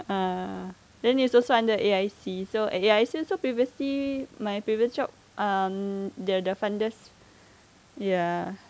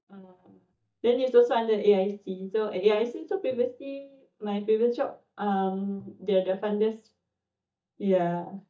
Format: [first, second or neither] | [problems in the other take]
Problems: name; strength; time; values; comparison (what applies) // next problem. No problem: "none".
first | noise reduction (neural mask model DeepFilterNet 3)